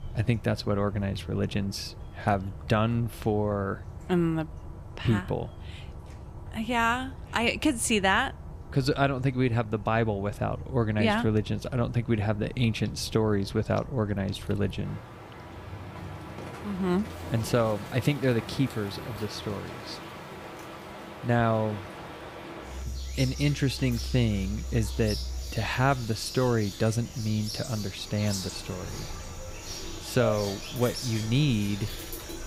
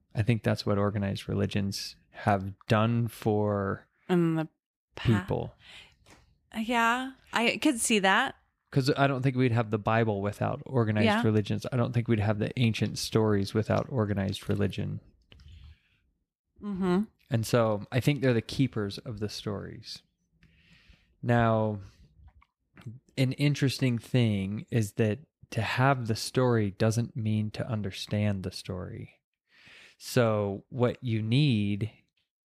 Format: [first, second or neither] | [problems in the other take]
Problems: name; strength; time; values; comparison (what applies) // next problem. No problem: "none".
second | animal sounds; noticeable; throughout; 10 dB below the speech